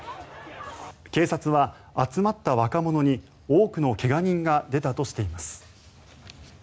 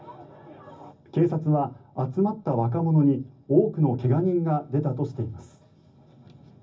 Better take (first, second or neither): first